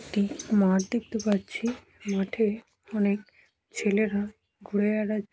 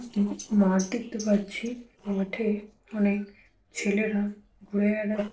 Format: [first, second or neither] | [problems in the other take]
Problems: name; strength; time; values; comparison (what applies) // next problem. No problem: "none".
first | noise reduction (neural separator model SepFormer DNS4)